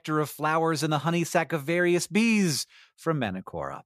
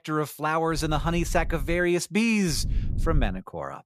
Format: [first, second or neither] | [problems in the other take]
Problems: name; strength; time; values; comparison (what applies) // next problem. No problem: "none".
first | low rumble; faint; at 1 s and at 2.5 s; 20 dB below the speech